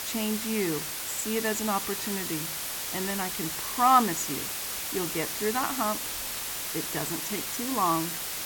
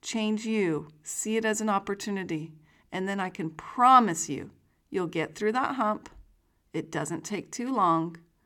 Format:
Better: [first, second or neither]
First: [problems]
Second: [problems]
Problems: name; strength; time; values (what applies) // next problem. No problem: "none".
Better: second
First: hiss; loud; throughout; 1 dB below the speech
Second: none